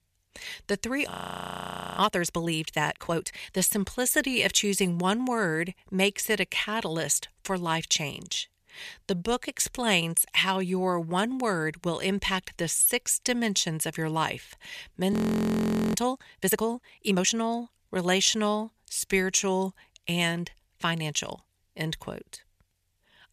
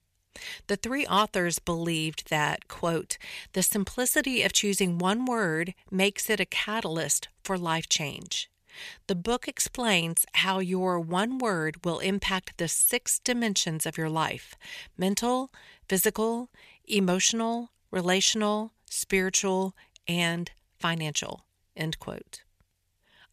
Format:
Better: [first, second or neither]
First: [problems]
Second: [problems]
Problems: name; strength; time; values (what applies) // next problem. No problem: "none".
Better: second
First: audio freezing; at 1 s for 1 s and at 15 s for 1 s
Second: none